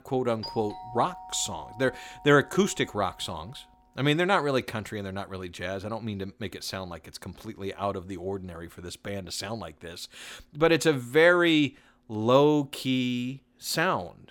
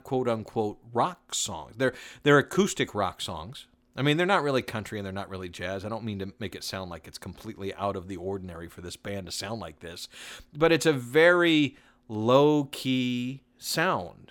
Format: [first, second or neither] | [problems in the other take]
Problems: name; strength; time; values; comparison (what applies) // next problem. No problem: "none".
second | doorbell; faint; until 3.5 s; peak 10 dB below the speech